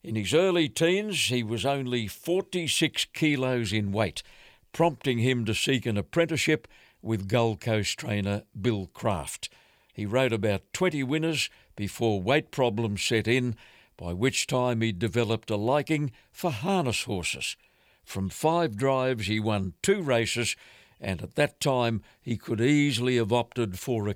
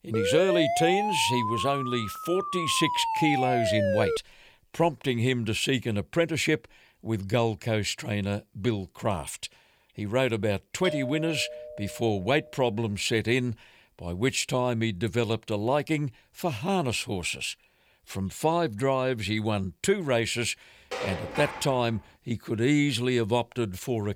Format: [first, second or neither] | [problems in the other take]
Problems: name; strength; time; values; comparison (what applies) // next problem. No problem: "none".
first | siren; loud; until 4 s; peak 1 dB above the speech // doorbell; noticeable; from 11 to 12 s; peak 6 dB below the speech // clattering dishes; noticeable; at 21 s; peak 6 dB below the speech